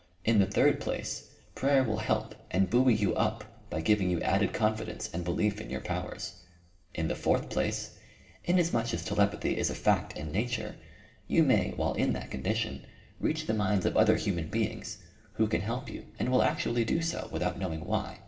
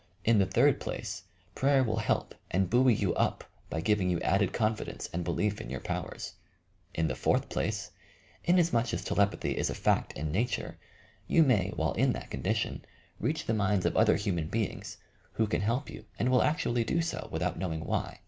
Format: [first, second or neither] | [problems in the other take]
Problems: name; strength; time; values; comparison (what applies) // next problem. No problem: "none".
second | room echo; dies away in 0.8 s